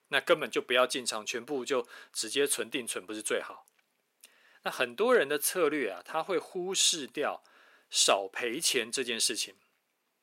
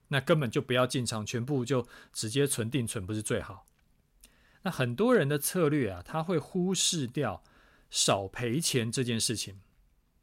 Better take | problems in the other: second | thin; somewhat; fading below 350 Hz

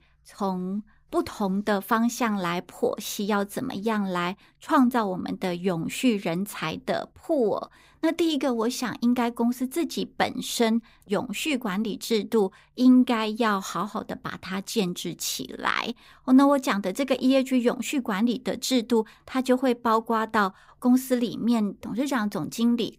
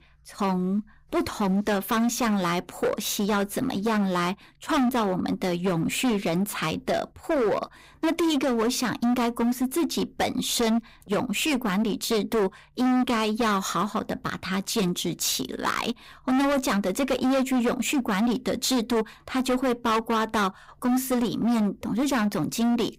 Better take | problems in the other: first | distortion; heavy; 19% of the sound clipped

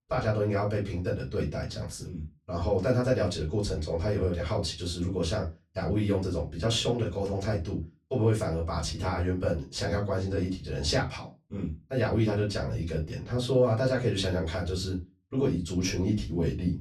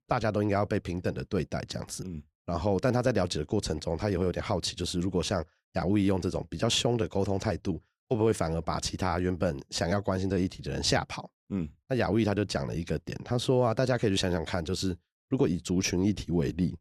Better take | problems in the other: second | off-mic speech; far // room echo; very slight; dies away in 0.2 s

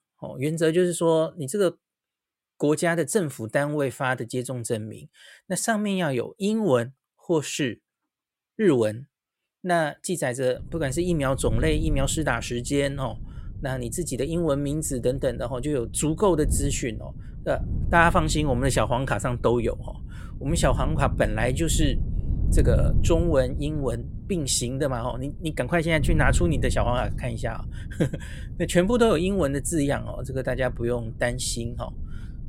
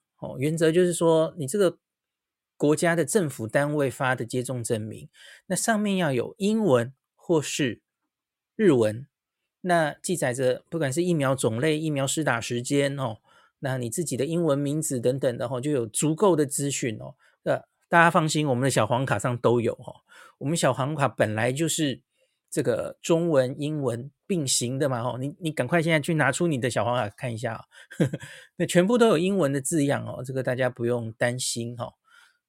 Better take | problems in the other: second | wind noise on the microphone; occasional gusts; from 11 s on; 20 dB below the speech

